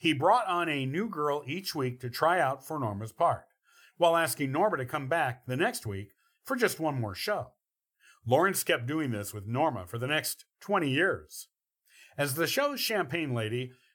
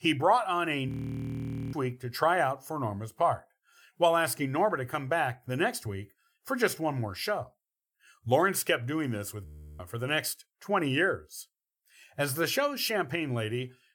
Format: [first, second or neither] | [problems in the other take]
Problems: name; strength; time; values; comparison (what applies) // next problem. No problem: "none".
first | audio freezing; at 1 s for 1 s and at 9.5 s